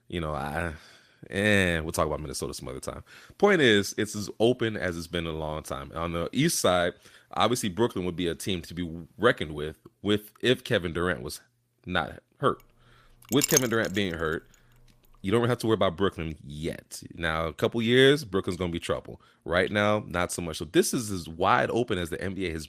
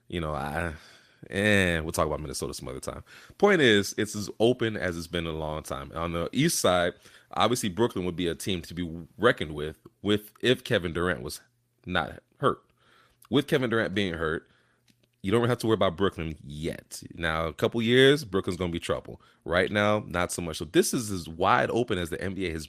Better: second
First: clattering dishes; loud; at 13 s; peak 2 dB above the speech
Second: none

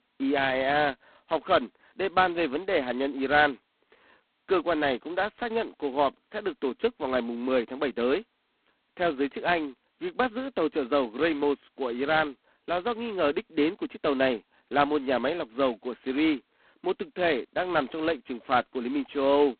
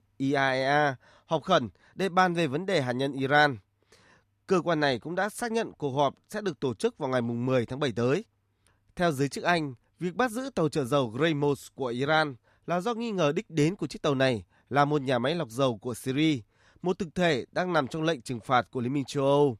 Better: second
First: phone-call audio; poor line; nothing above 4 kHz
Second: none

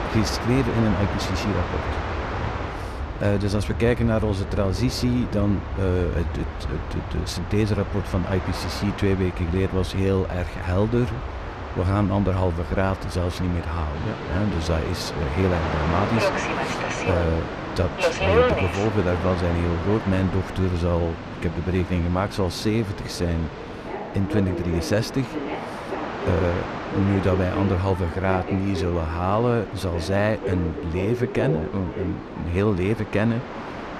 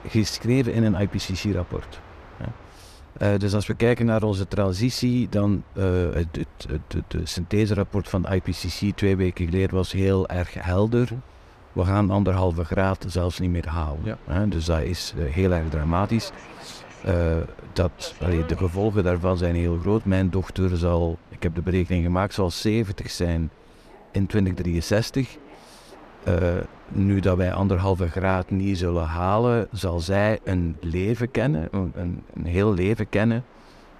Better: second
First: train or aircraft noise; loud; throughout; 5 dB below the speech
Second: train or aircraft noise; faint; throughout; 25 dB below the speech

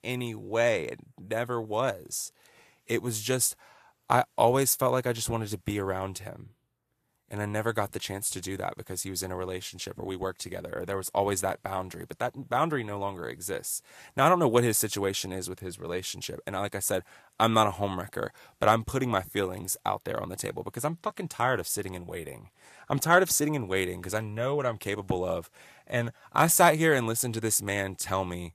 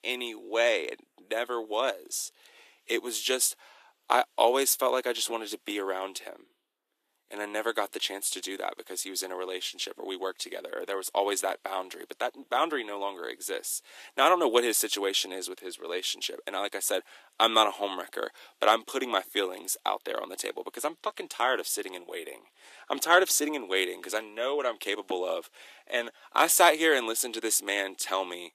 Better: first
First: none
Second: thin; somewhat; fading below 300 Hz

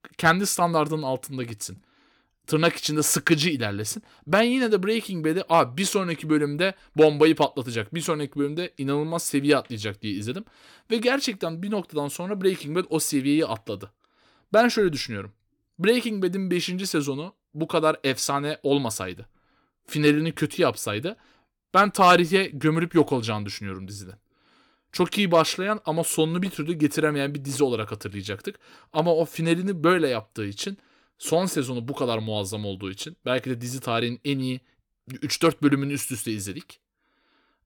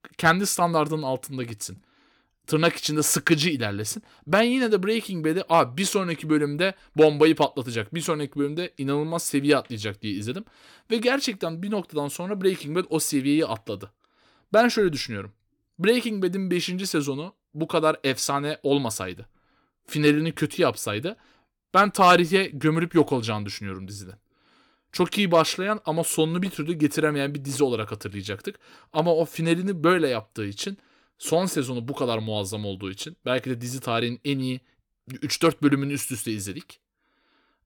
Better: neither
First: none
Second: none

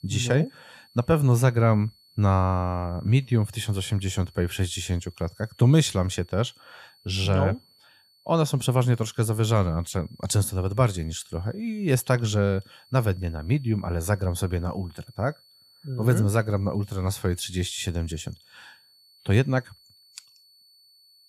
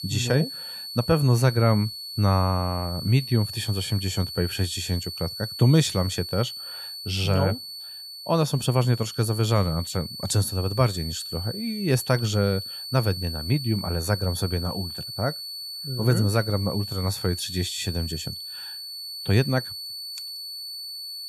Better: first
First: high-pitched whine; faint; throughout; 4.5 kHz, 30 dB below the speech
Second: high-pitched whine; loud; throughout; 4.5 kHz, 8 dB below the speech

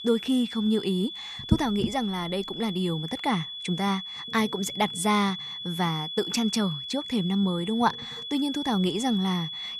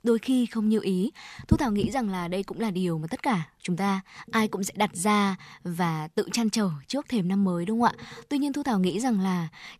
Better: second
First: high-pitched whine; loud; throughout; 3.5 kHz, 7 dB below the speech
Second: none

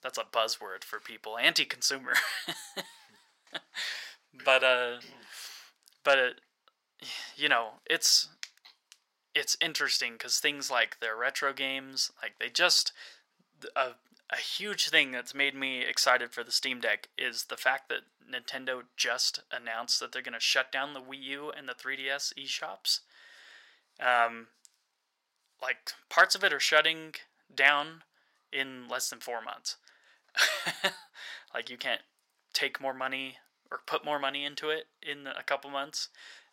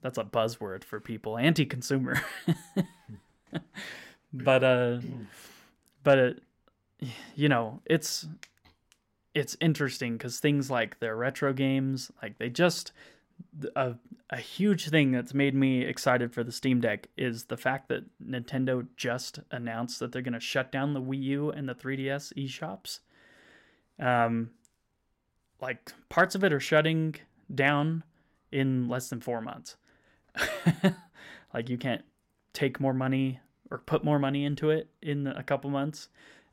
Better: second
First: thin; very; fading below 900 Hz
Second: none

